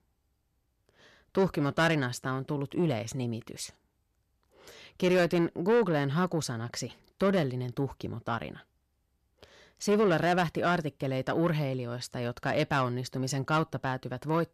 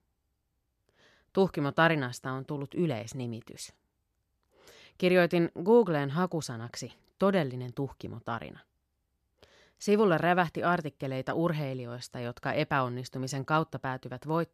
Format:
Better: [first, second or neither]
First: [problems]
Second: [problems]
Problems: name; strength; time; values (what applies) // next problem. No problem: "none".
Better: second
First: distortion; slight; 10 dB below the speech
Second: none